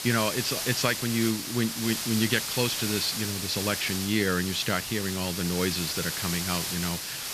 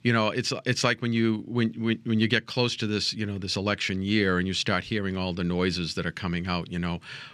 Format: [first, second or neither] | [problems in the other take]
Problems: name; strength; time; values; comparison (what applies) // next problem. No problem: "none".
second | hiss; loud; throughout; 2 dB below the speech